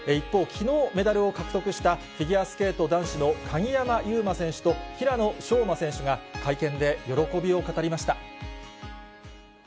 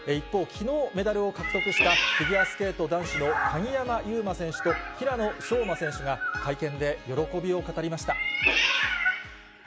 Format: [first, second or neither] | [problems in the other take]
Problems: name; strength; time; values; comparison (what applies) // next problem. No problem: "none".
first | background sound (Meow); 1 dB below the speech